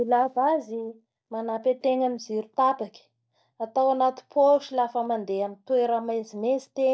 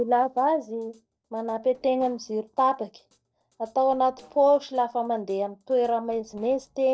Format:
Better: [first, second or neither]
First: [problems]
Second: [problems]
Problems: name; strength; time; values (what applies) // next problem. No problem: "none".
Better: first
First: none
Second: noise reduction (neural separator model SepFormer DNS4)